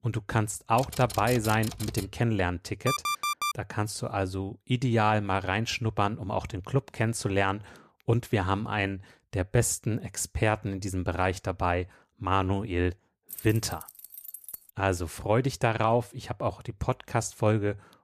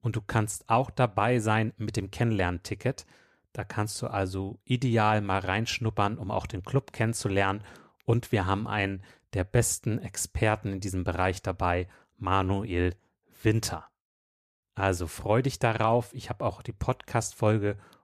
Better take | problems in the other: second | keyboard typing; noticeable; from 1 to 2 s; peak 7 dB below the speech // alarm; loud; at 3 s; peak level with the speech // jangling keys; faint; from 13 to 15 s; peak 10 dB below the speech

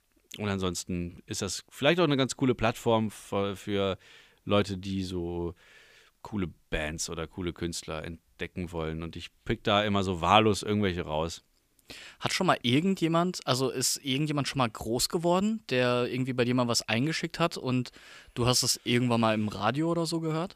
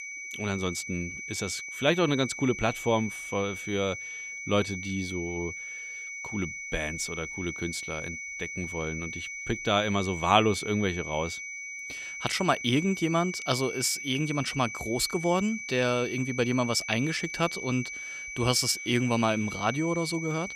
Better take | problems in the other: first | high-pitched whine; loud; throughout; 2.5 kHz, 7 dB below the speech

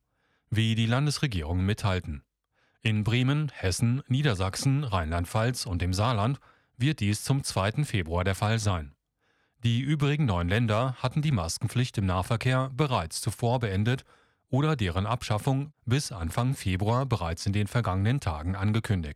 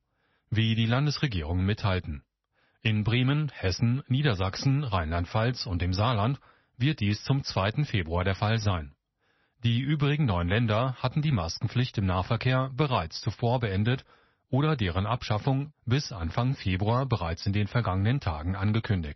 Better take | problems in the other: first | garbled, watery; slightly; nothing above 6 kHz

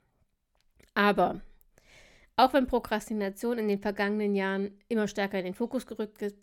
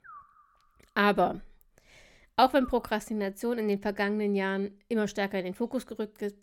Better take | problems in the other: first | animal sounds; faint; until 3 s; 25 dB below the speech

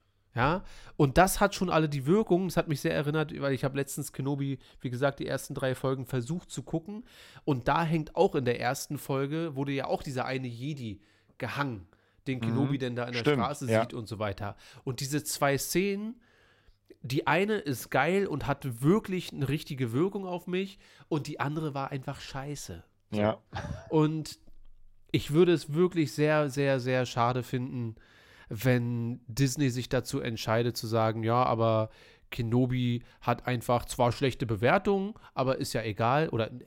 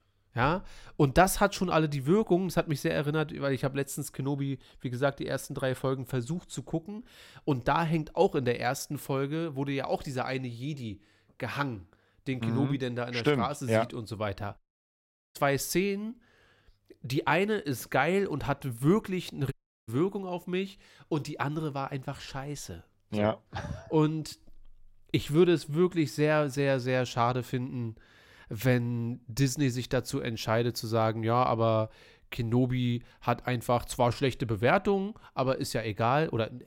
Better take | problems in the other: first | audio cutting out; at 15 s for 1 s and at 20 s

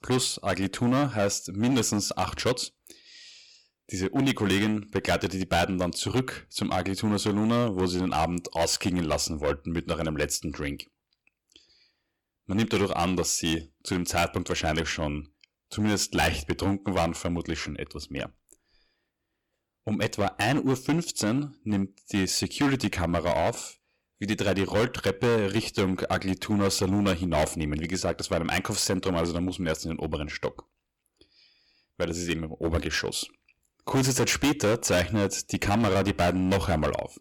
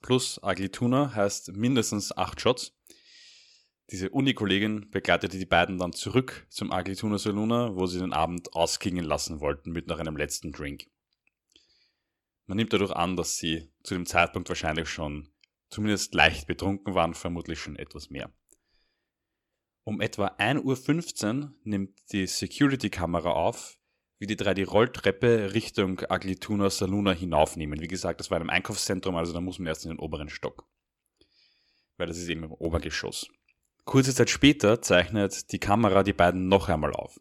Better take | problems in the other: second | distortion; heavy; 8% of the sound clipped

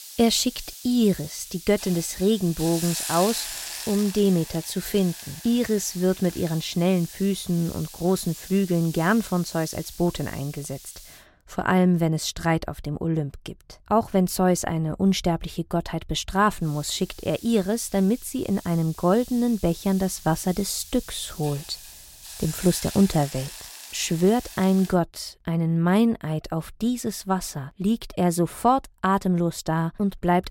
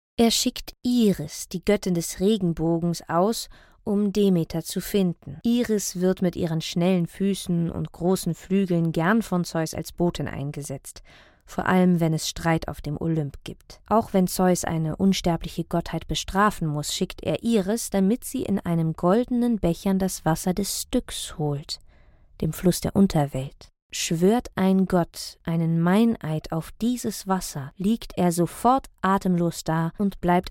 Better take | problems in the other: second | hiss; noticeable; until 11 s and from 17 to 25 s; 15 dB below the speech

